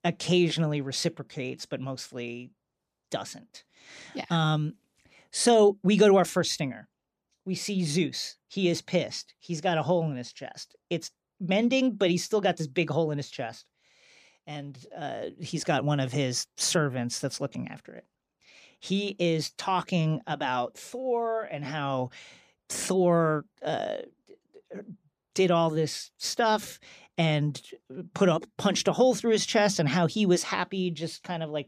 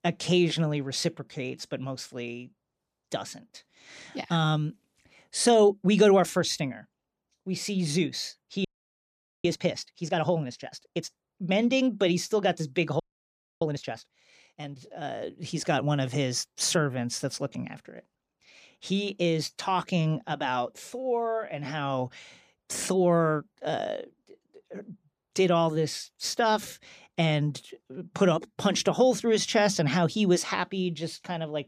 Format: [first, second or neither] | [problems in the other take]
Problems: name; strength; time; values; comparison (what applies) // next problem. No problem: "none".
first | audio freezing; at 8.5 s for 1 s and at 13 s for 0.5 s